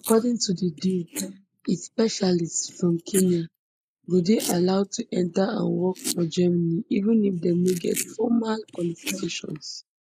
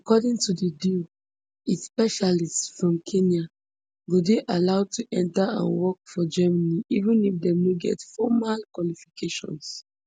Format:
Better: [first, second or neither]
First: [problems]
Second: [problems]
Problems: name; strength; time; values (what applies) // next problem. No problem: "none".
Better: second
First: noise reduction (neural mask model Resemble Enhance denoiser)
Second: none